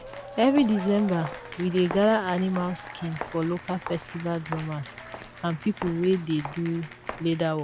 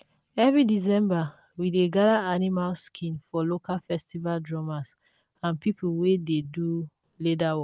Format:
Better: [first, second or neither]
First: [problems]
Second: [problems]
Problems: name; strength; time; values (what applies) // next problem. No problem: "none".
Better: second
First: background sound (Applause / Cheering + Walk, footsteps); 13 dB below the speech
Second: none